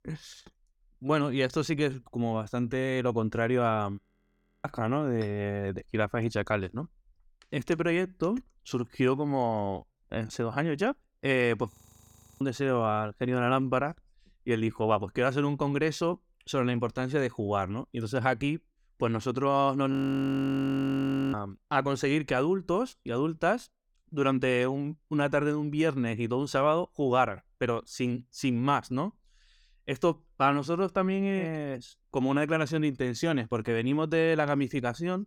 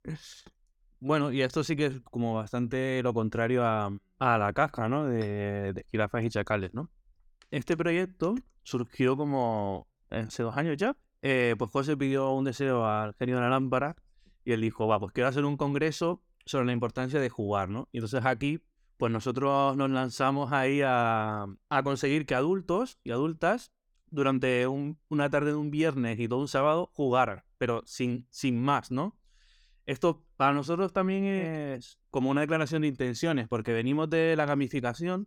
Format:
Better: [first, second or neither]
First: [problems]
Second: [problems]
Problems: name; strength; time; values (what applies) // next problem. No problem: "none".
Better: second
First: audio freezing; at 4 s for 0.5 s, at 12 s for 0.5 s and at 20 s for 1.5 s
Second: none